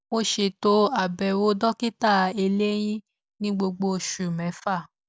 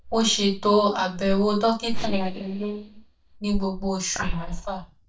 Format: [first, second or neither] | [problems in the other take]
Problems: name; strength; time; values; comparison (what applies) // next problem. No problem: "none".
first | noise reduction (neural mask model DeepFilterNet 3)